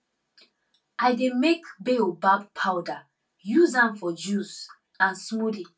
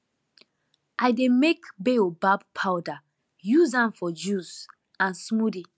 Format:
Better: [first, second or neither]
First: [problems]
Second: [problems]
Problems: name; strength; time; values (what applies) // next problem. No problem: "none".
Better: second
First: room echo; dies away in 0.2 s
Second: none